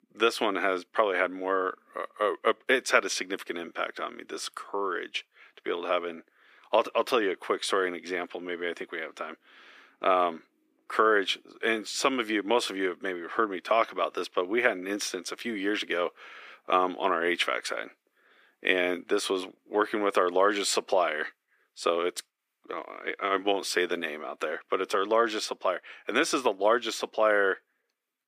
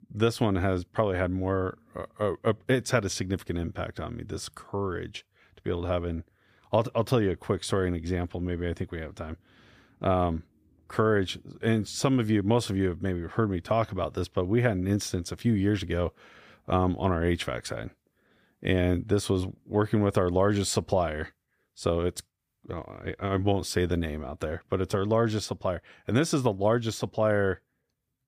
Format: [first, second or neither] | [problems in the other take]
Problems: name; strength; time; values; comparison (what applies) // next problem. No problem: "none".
second | thin; very; fading below 300 Hz